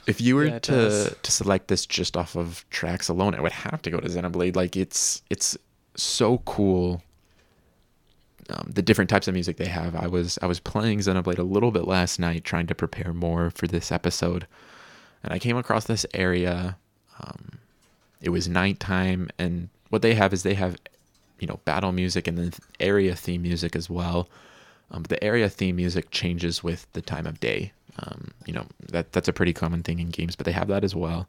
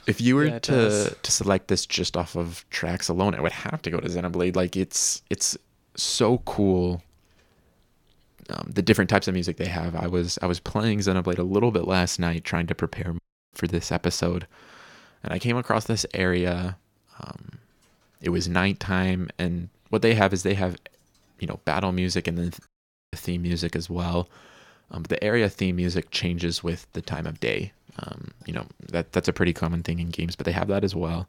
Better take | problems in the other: first | audio cutting out; at 13 s and at 23 s

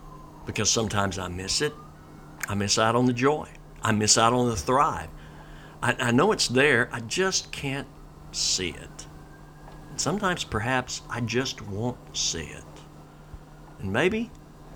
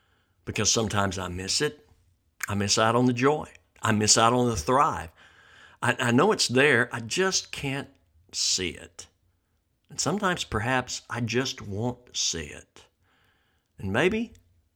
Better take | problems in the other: second | household noises; faint; throughout; 20 dB below the speech

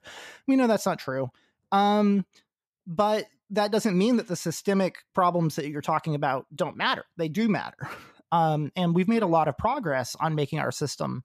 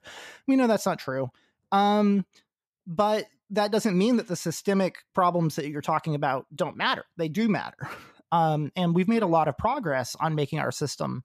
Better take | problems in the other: neither | none

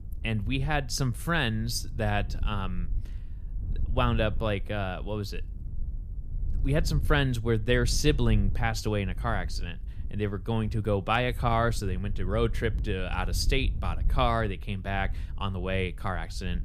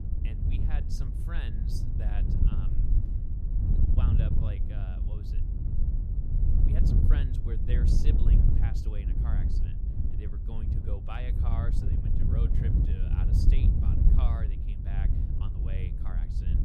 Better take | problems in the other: first | wind noise on the microphone; heavy; 2 dB above the speech; occasional gusts in the first

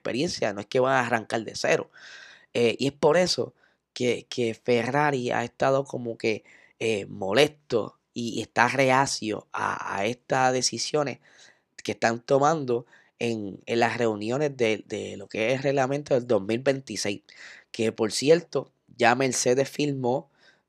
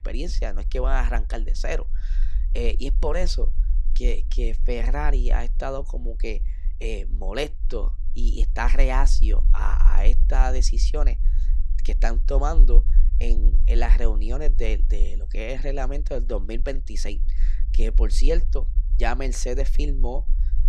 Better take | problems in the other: first | low rumble; noticeable; throughout; 20 dB below the speech

